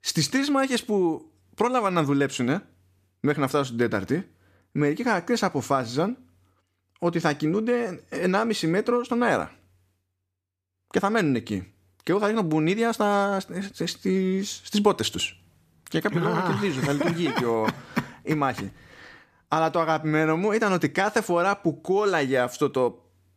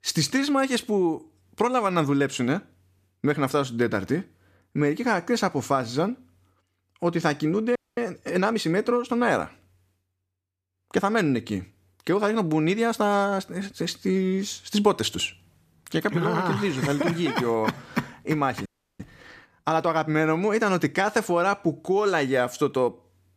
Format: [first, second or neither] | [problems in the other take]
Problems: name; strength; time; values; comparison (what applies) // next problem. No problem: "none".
first | audio freezing; at 8 s and at 19 s